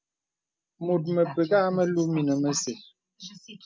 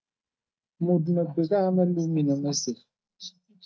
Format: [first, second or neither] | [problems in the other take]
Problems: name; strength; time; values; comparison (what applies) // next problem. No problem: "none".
first | noise reduction (neural mask model DeepFilterNet 3)